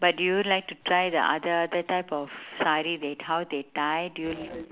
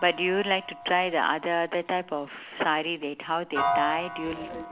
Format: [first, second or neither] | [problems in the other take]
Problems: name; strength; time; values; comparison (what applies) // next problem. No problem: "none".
first | background sound (Piano); 7 dB below the speech